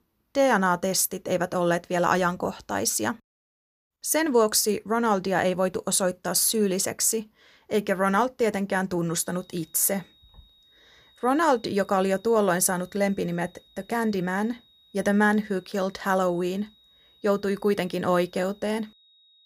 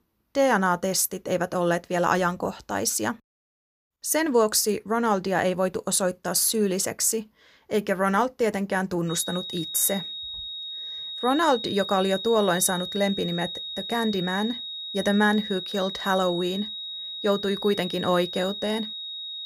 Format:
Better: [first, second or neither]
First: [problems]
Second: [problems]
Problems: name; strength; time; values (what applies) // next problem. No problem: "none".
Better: first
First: high-pitched whine; faint; from 9 s on; 4 kHz, 30 dB below the speech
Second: high-pitched whine; loud; from 9 s on; 4 kHz, 7 dB below the speech